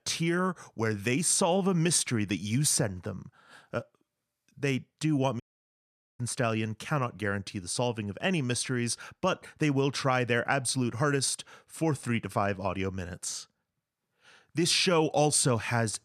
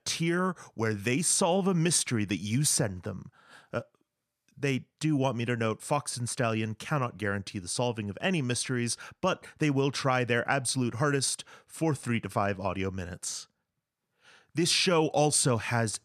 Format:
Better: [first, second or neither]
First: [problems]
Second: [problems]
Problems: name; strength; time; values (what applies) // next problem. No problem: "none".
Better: second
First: audio cutting out; at 5.5 s for 1 s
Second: none